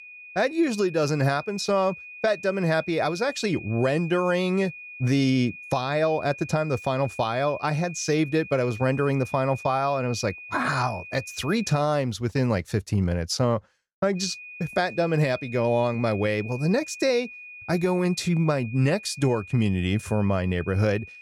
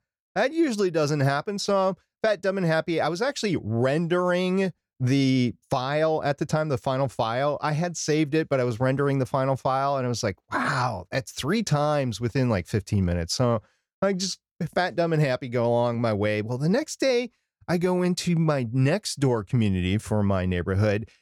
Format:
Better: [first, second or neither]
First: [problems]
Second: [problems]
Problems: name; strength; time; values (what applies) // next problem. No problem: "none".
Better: second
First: high-pitched whine; noticeable; until 12 s and from 14 s on; 2.5 kHz, 15 dB below the speech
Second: none